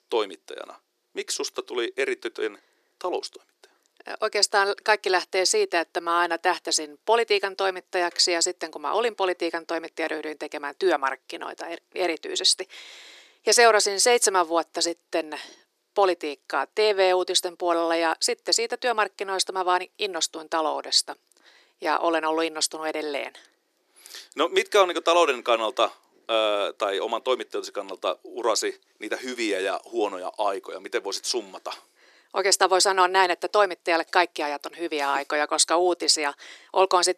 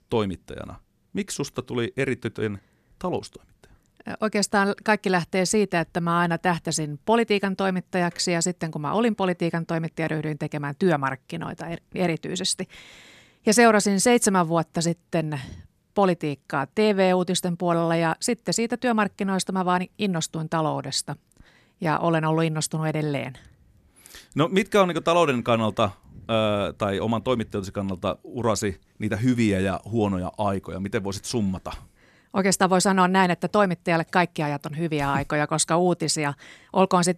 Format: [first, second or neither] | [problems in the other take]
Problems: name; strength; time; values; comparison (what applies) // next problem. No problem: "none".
second | thin; very; fading below 350 Hz